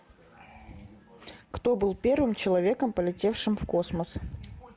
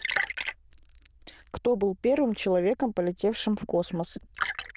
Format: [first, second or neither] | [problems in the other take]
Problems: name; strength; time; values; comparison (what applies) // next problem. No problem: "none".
first | noise reduction (neural diffusion model UNIVERSE++)